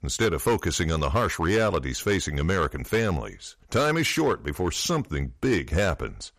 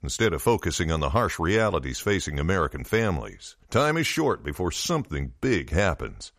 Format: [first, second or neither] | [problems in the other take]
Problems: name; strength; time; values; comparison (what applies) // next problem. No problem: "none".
second | distortion; slight; 5% of the sound clipped